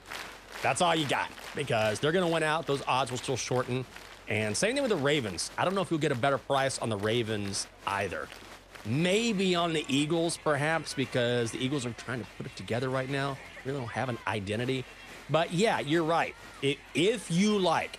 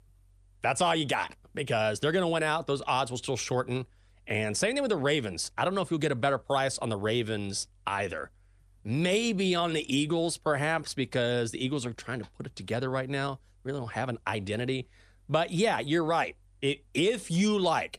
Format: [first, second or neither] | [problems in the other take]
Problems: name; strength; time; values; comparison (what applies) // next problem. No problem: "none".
second | crowd noise; noticeable; throughout; 15 dB below the speech